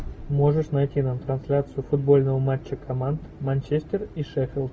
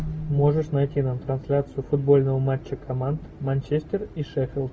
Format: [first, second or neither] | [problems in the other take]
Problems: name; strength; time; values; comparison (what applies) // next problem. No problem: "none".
first | background sound (Keyboard (musical)); 17 dB below the speech